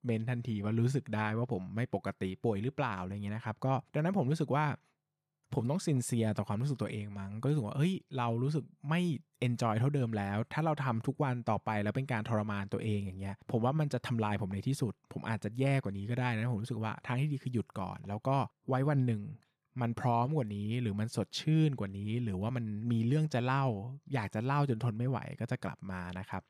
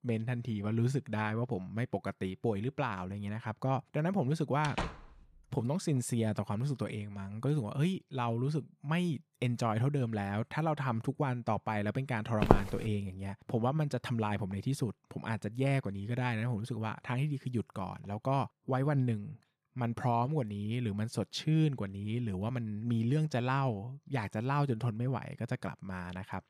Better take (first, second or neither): first